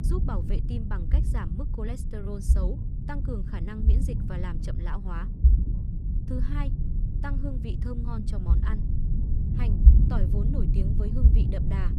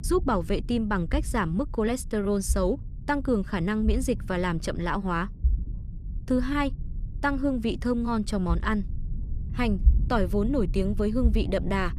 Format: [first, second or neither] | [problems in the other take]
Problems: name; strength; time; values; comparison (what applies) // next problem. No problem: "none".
second | low rumble; loud; throughout; 1 dB below the speech; faint in the second